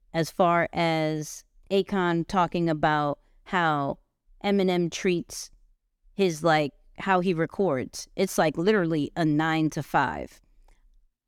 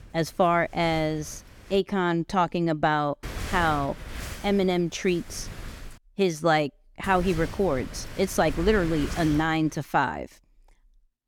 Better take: first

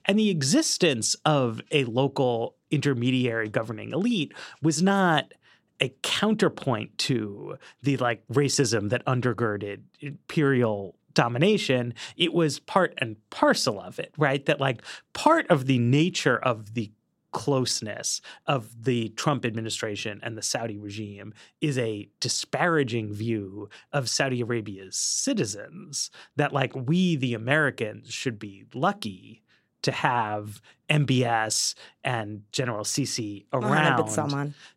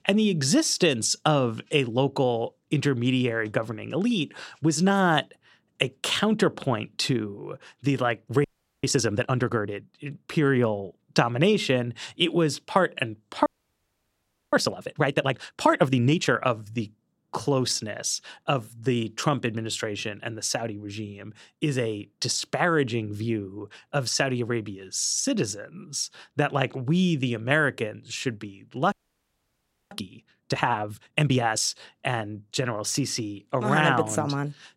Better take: first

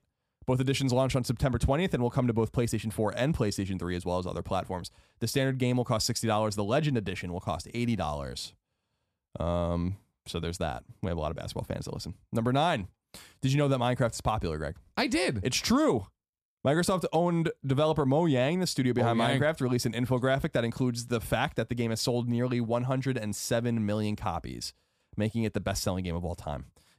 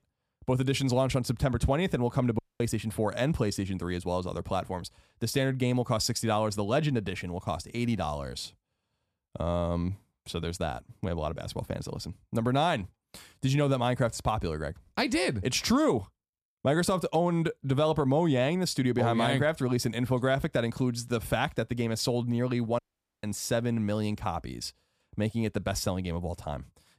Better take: first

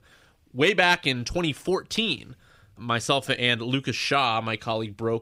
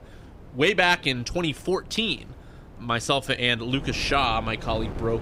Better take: first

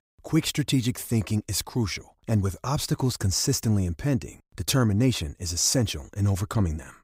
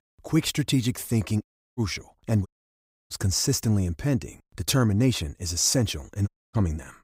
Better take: first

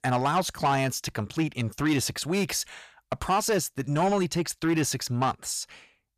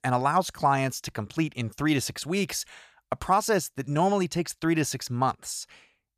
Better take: second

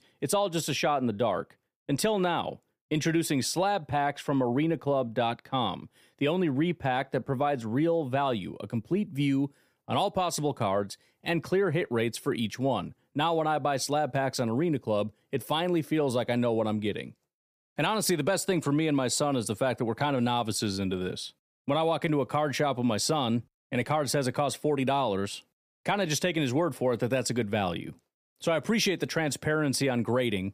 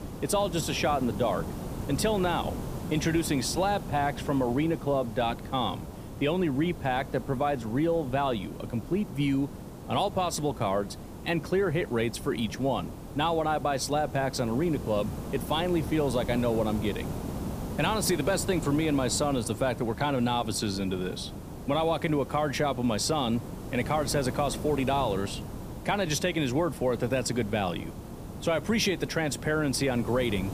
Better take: first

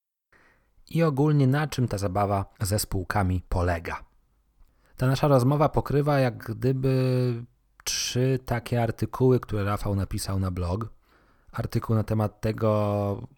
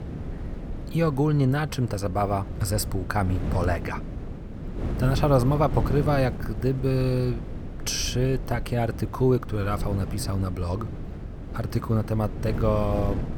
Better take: first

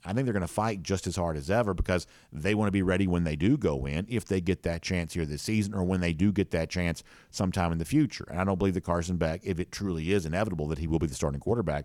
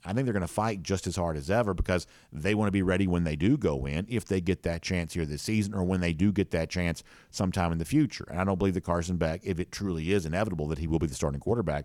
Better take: neither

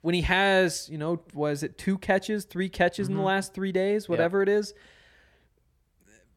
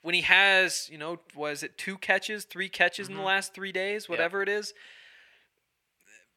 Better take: first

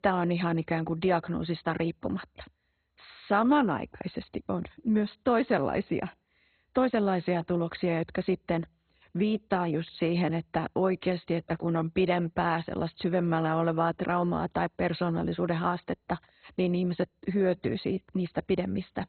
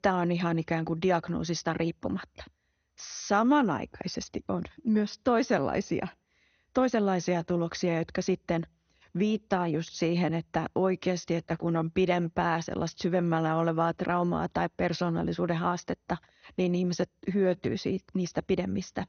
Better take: second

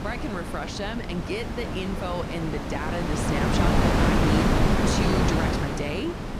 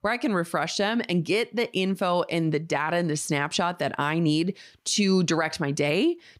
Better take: second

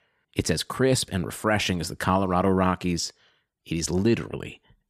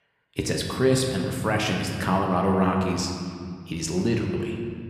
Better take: first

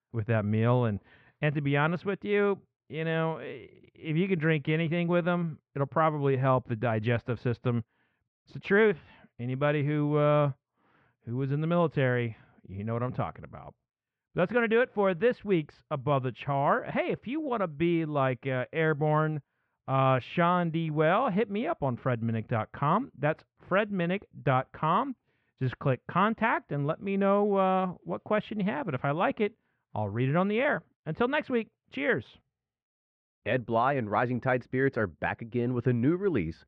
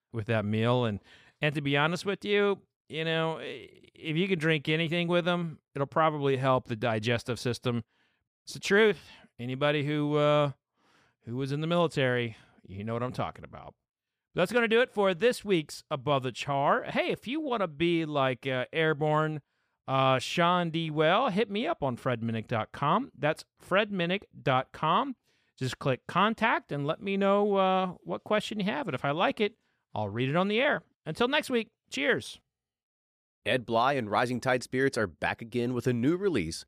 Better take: second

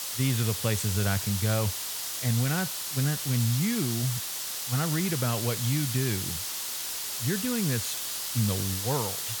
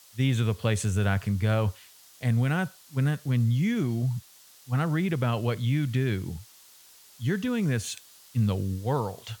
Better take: second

